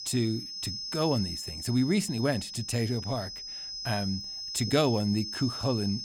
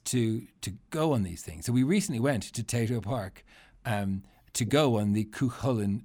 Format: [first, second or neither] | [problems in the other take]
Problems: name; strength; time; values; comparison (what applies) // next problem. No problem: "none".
second | high-pitched whine; loud; throughout; 5 kHz, 6 dB below the speech